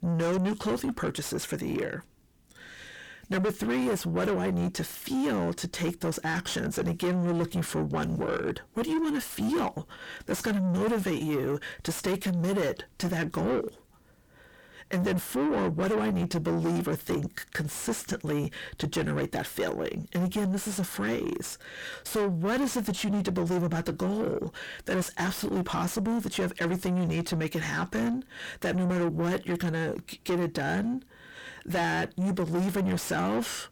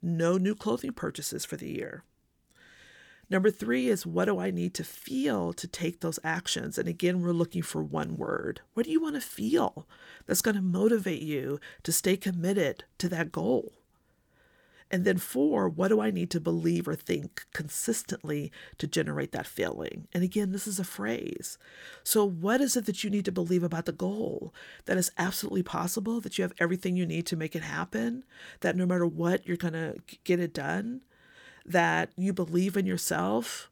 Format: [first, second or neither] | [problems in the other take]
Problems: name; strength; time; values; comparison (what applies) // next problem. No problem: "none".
second | distortion; heavy; 5 dB below the speech